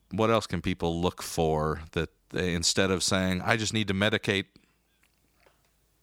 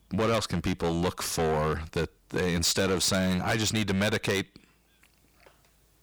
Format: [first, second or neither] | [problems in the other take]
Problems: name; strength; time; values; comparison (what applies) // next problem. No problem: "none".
first | distortion; heavy; 5 dB below the speech